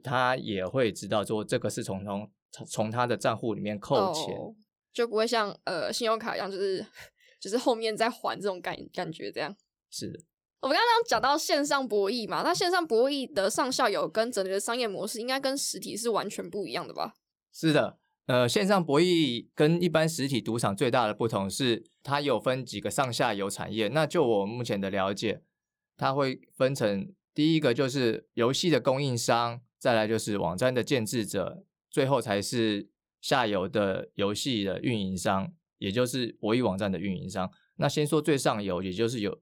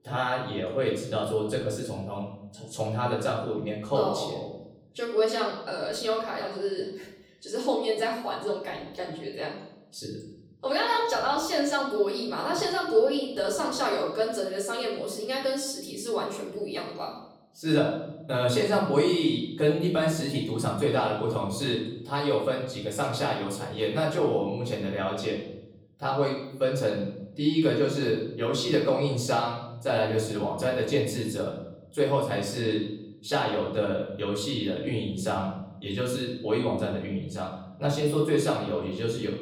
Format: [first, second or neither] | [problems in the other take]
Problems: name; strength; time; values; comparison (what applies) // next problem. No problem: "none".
first | off-mic speech; far // room echo; noticeable; dies away in 0.8 s